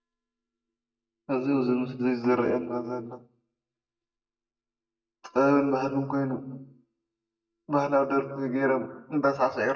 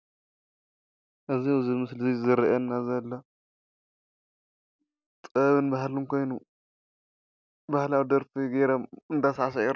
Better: second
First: noise reduction (neural mask model DeepFilterNet 3)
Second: none

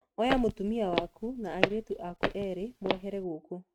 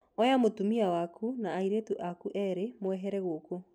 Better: second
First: noise reduction (neural mask model RNNoise)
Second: none

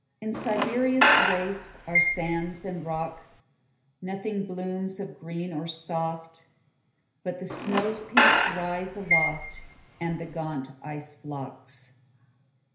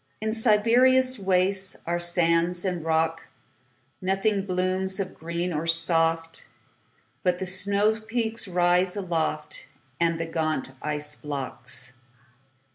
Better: second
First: background sound (Squeak / Screech); 5 dB above the speech // room echo; dies away in 0.5 s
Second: none

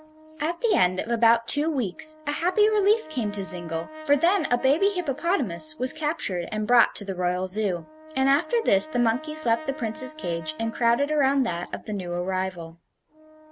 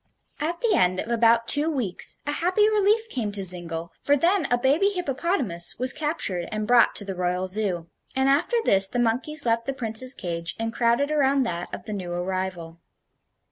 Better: second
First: background sound (Brass instrument); 18 dB below the speech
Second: none

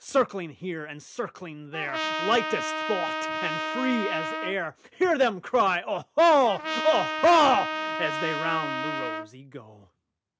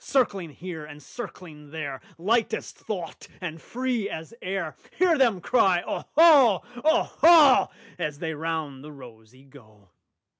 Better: second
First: background sound (Trumpet); 4 dB below the speech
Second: none

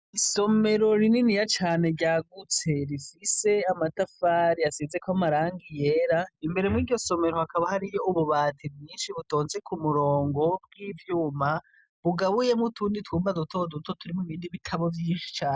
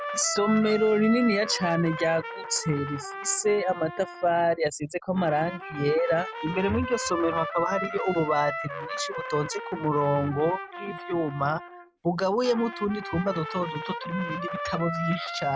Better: first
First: none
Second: background sound (Trumpet); 9 dB below the speech

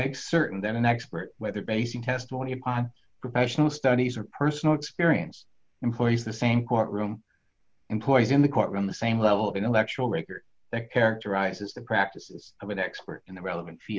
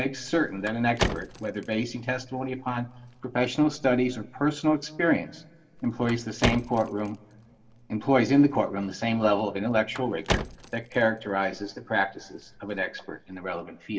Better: first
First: none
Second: background sound (Car); 9 dB below the speech // room echo; dies away in 0.4 s

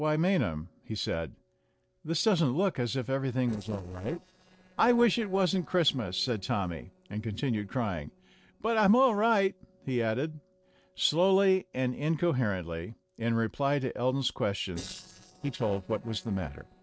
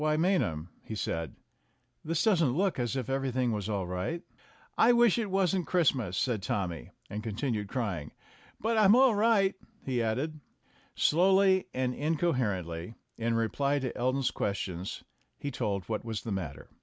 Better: second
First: noise reduction (neural separator model SepFormer DNS4)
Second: none

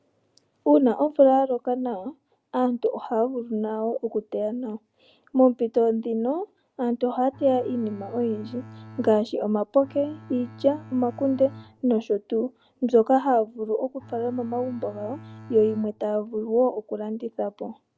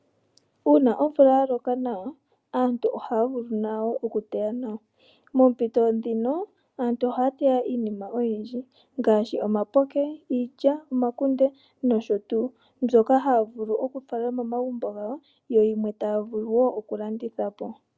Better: second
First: background sound (Bowed string instrument); 19 dB below the speech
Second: none

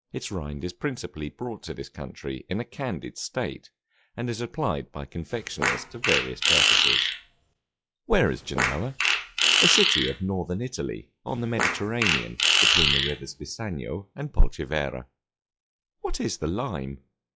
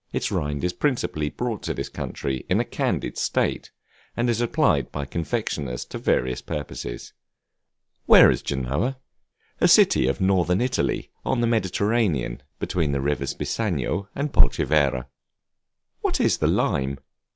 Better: second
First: noise reduction (classical method log-MMSE)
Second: none

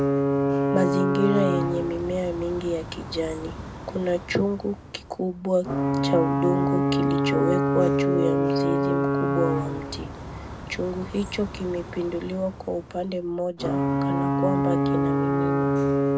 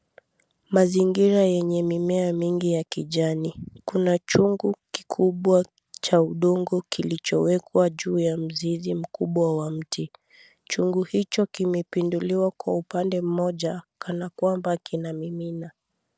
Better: second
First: background sound (Alarm / Ocean / Boat, Water vehicle); 3 dB above the speech // room echo; dies away in 0.2 s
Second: none

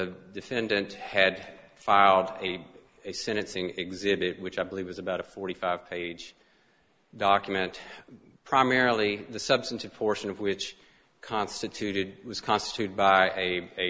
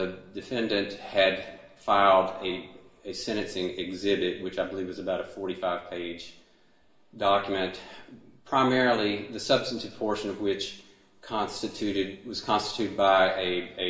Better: first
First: none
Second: room echo; dies away in 0.7 s

